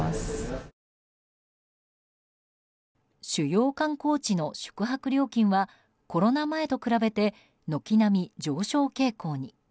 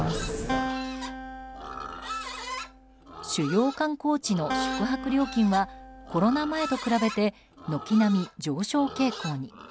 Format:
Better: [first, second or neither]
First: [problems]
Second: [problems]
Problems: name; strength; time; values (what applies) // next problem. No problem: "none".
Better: first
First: none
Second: background sound (Livestock, farm animals, working animals + Acoustic guitar); 8 dB below the speech